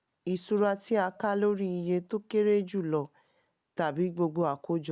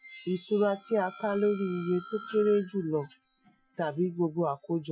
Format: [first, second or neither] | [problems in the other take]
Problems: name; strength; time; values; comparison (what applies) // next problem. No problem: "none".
first | noise reduction (classical method Wiener filter)